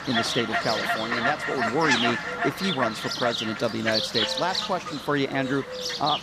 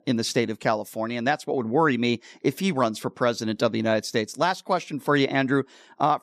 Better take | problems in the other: second | animal sounds; very loud; throughout; 1 dB above the speech

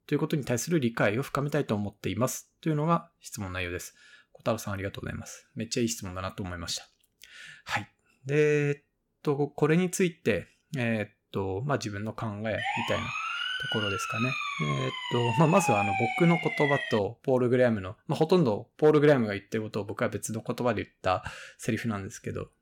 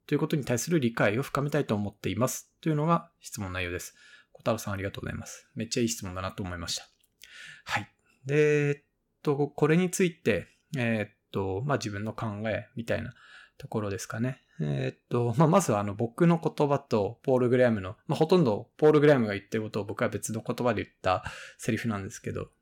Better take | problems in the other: second | siren; loud; from 13 to 17 s; peak 2 dB above the speech

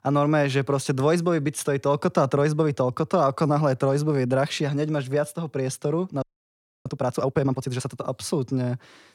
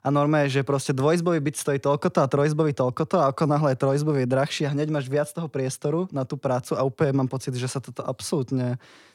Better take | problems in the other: second | audio freezing; at 6 s for 0.5 s

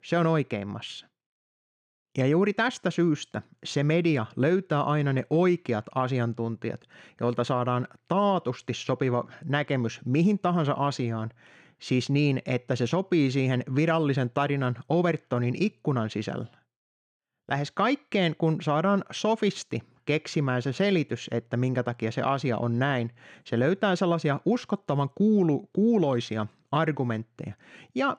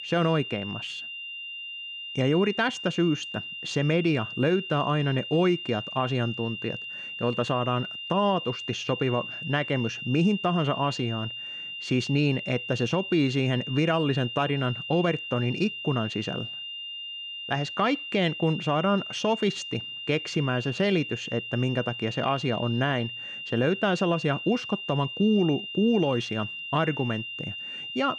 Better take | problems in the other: first | high-pitched whine; loud; throughout; 3 kHz, 8 dB below the speech

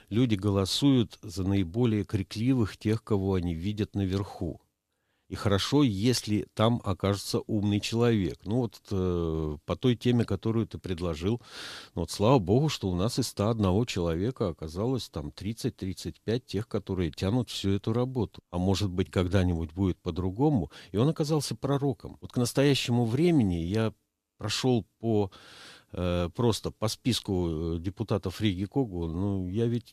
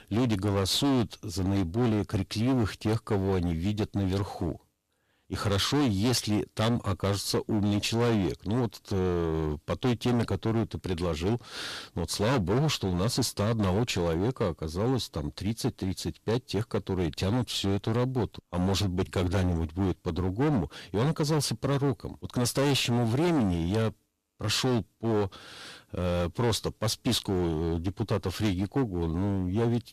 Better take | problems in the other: first | distortion; heavy; 16% of the sound clipped

